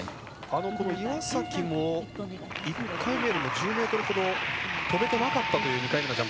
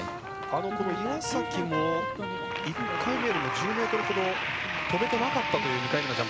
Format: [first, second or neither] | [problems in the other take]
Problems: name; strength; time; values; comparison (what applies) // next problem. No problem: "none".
first | background sound (Trumpet); 6 dB below the speech